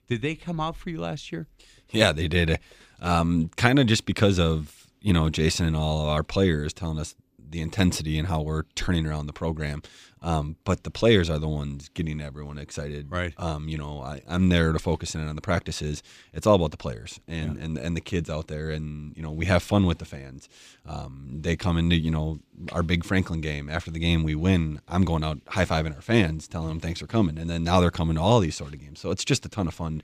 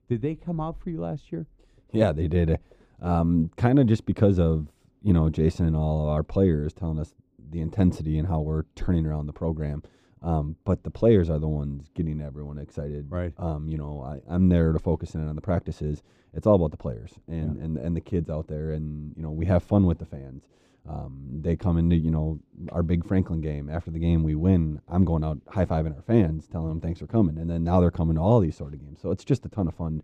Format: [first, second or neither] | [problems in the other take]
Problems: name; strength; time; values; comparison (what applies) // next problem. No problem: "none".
first | muffled; very; fading above 1 kHz